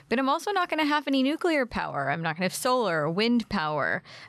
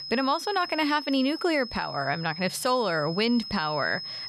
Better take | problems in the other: first | high-pitched whine; loud; throughout; 5 kHz, 10 dB below the speech

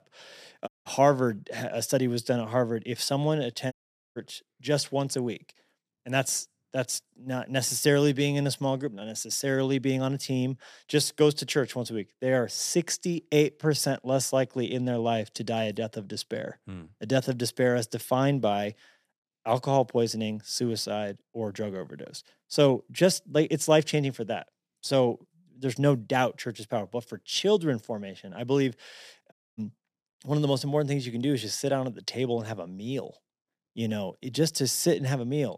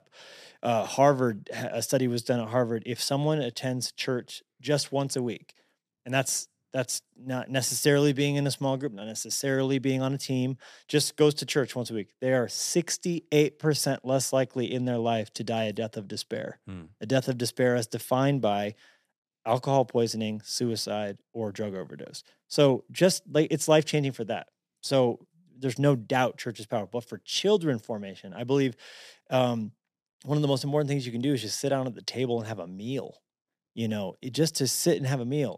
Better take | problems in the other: second | audio cutting out; at 0.5 s, at 3.5 s and at 29 s

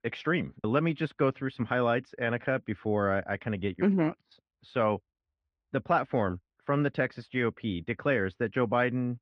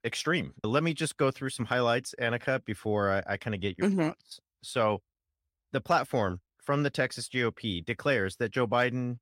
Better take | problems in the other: second | muffled; very; fading above 2.5 kHz

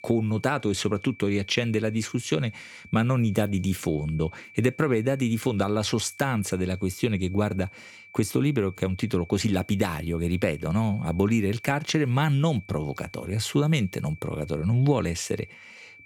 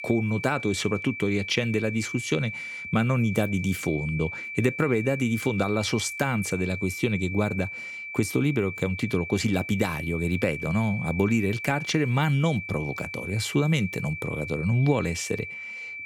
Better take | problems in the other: first | high-pitched whine; loud; throughout; 2.5 kHz, 8 dB below the speech; faint in the first

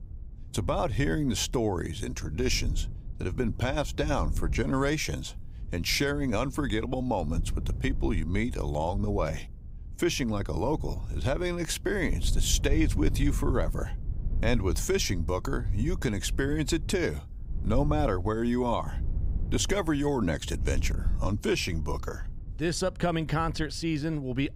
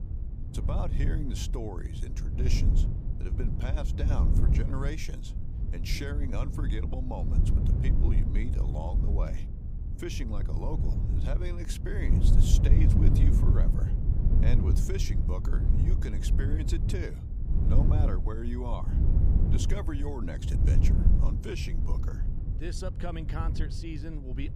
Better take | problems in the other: first | low rumble; loud; throughout; 2 dB below the speech; faint in the first

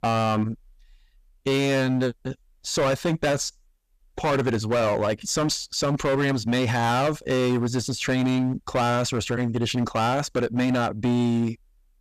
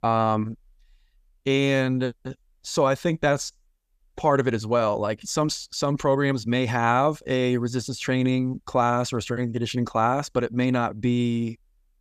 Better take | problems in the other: second | distortion; heavy; 16% of the sound clipped

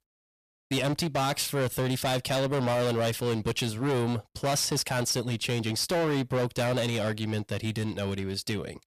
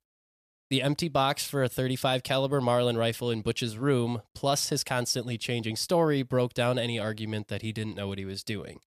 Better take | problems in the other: second | distortion; heavy; 20% of the sound clipped

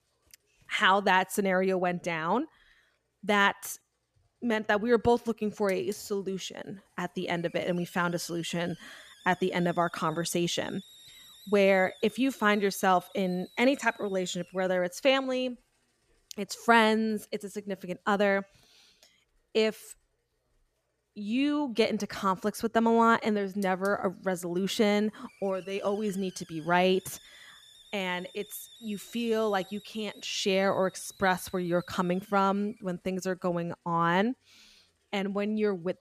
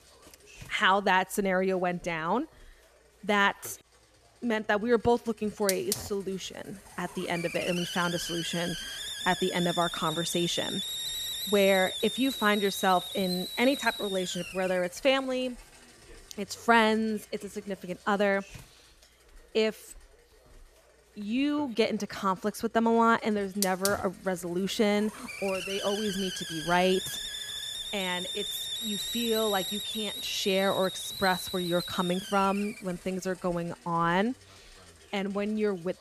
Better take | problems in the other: first | hiss; loud; throughout; 5 dB below the speech; faint in the first

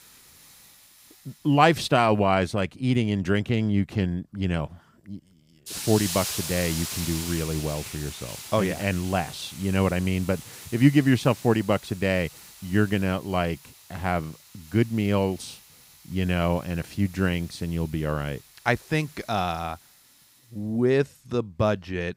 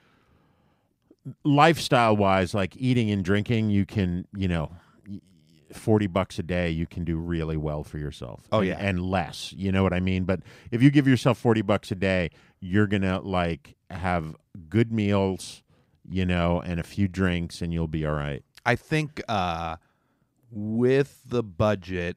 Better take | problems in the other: second | hiss; noticeable; throughout; 10 dB below the speech

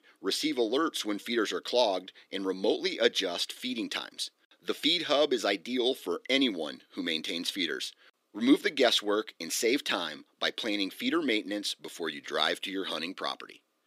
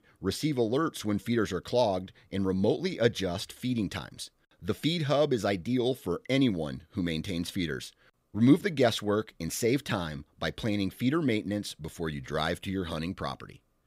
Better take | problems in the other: second | thin; very slightly; fading below 300 Hz

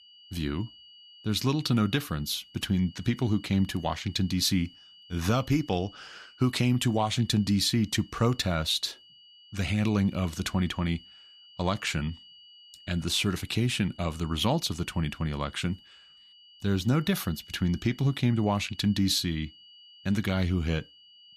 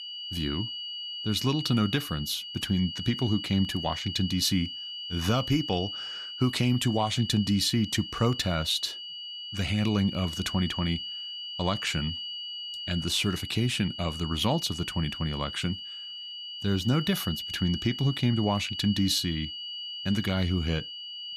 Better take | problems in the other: first | high-pitched whine; loud; throughout; 3 kHz, 7 dB below the speech; faint in the first

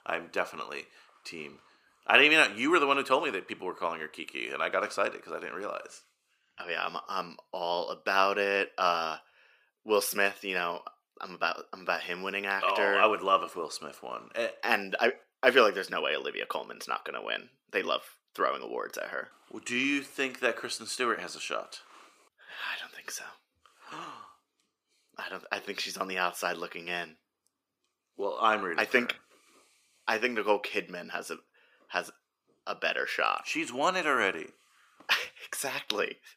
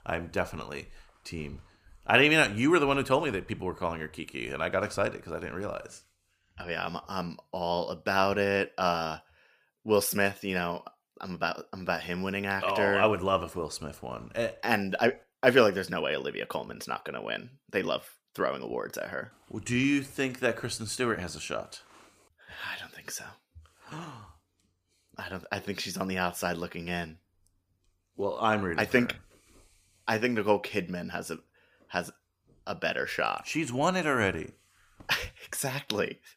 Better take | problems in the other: second | thin; somewhat; fading below 350 Hz

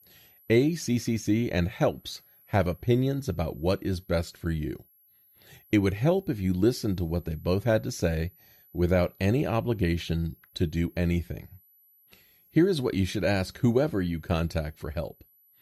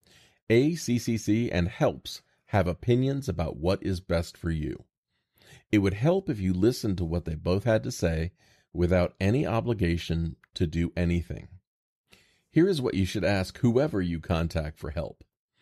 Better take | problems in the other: second | high-pitched whine; faint; throughout; 11.5 kHz, 30 dB below the speech

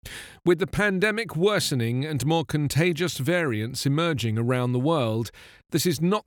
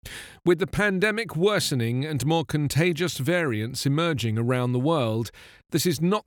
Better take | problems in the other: neither | none

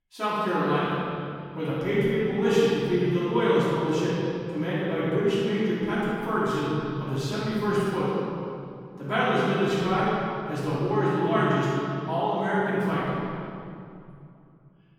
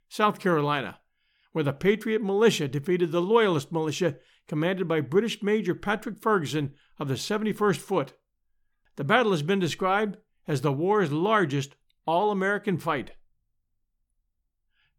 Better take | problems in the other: second | off-mic speech; far // room echo; strong; dies away in 2.6 s

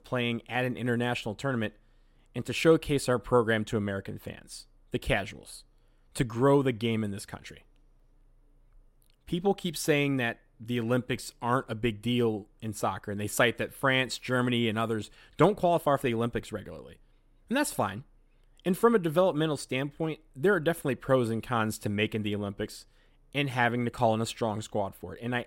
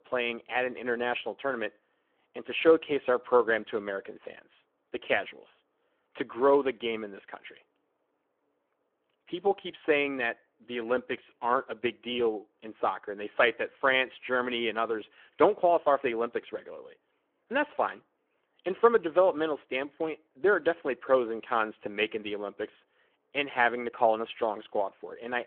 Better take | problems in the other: first | phone-call audio

